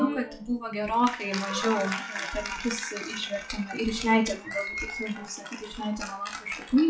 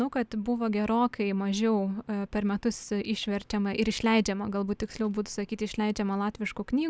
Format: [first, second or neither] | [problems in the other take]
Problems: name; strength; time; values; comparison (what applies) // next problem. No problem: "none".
second | noise reduction (classical method WPE with log-MMSE)